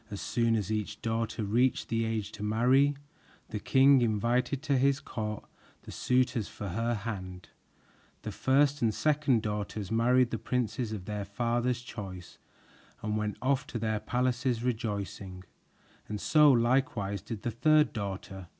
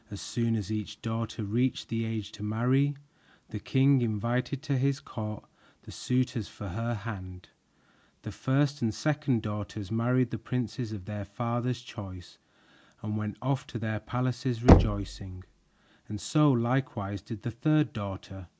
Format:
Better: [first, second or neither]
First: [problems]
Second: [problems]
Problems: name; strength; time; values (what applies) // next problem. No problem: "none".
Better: first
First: none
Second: background sound (Knock); 2 dB above the speech